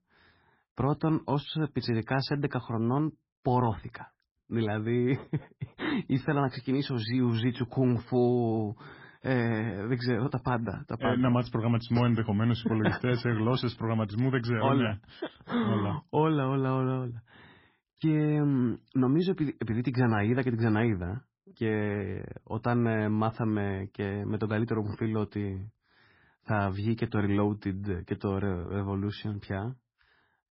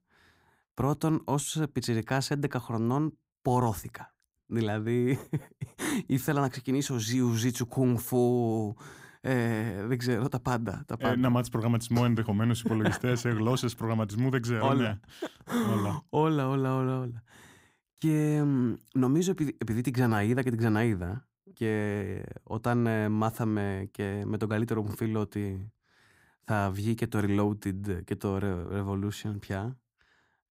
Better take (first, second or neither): second